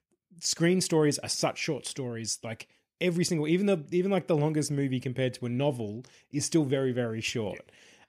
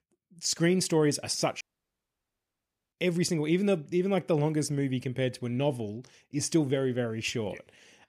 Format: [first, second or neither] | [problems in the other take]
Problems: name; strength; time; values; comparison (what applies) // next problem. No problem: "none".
first | audio cutting out; at 1.5 s for 1.5 s